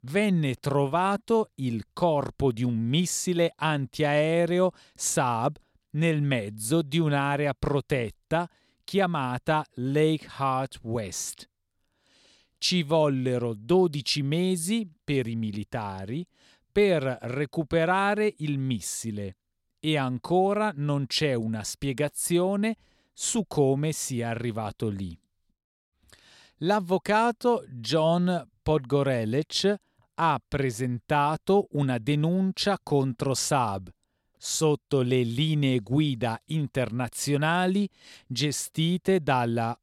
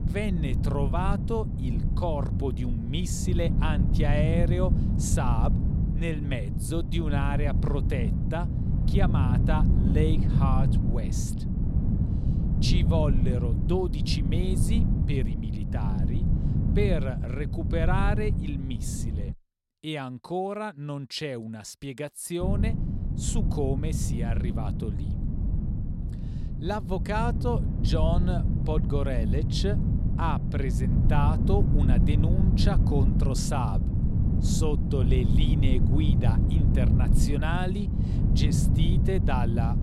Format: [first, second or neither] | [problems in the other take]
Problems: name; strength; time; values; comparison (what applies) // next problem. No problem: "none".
first | wind noise on the microphone; heavy; until 19 s and from 22 s on; 4 dB below the speech